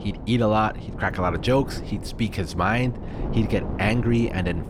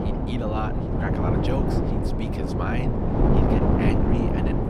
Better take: first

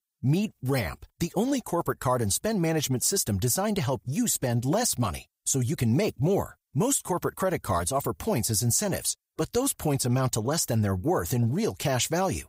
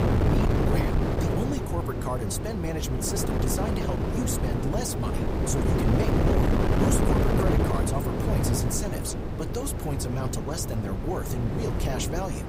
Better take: first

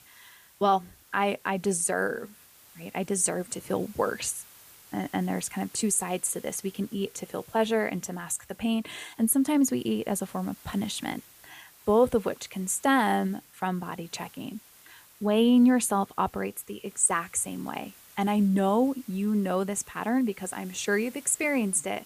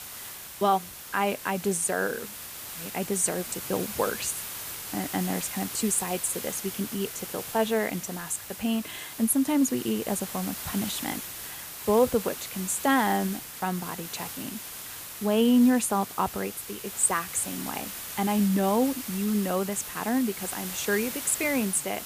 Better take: first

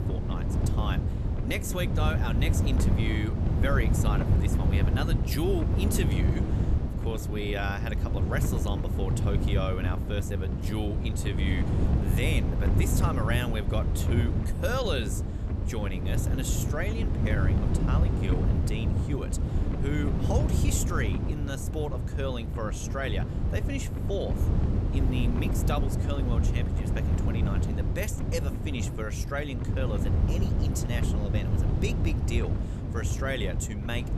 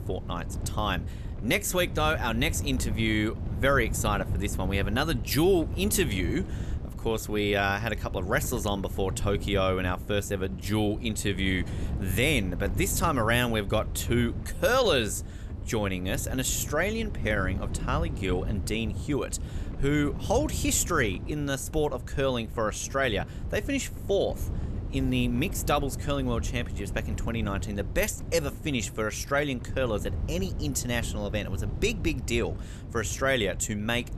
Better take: second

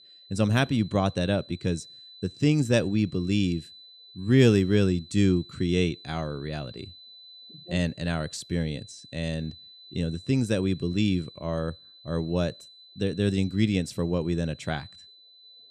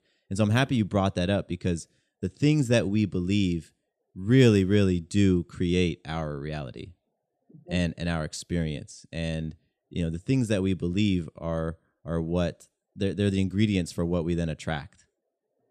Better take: second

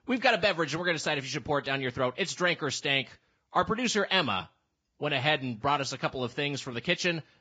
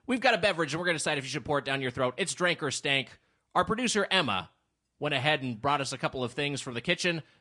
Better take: second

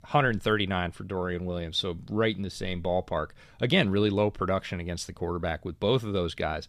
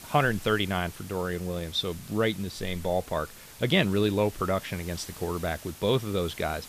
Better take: first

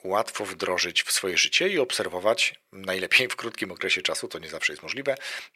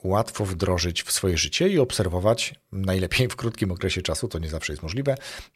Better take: second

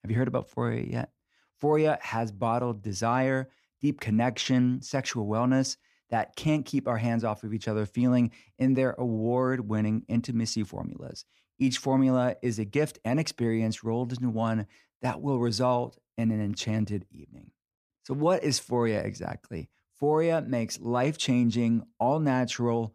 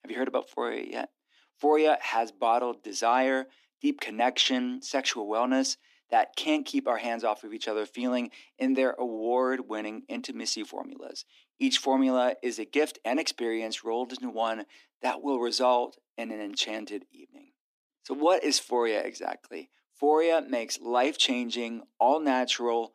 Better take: first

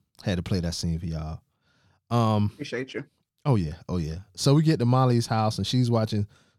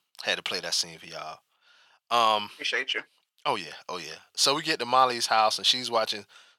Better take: first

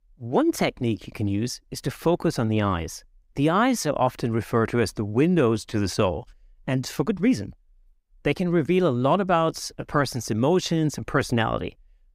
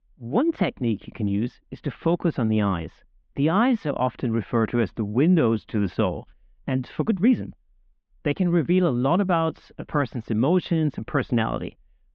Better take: first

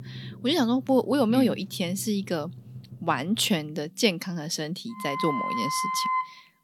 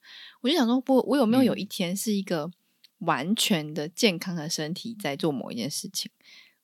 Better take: second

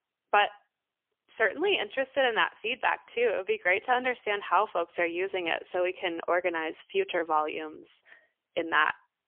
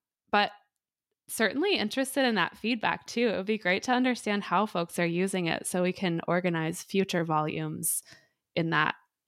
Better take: second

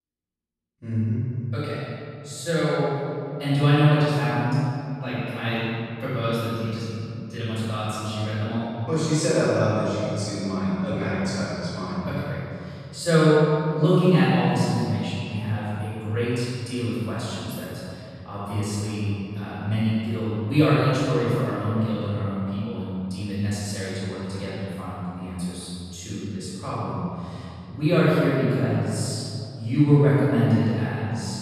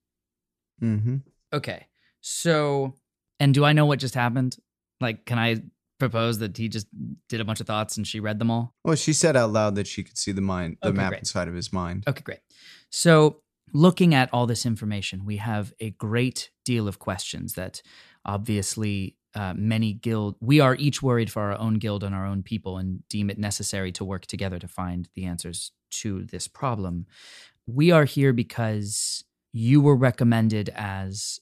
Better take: second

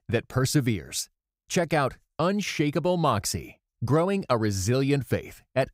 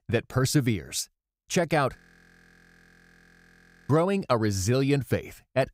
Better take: first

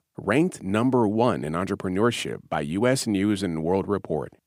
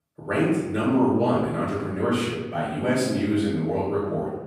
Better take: first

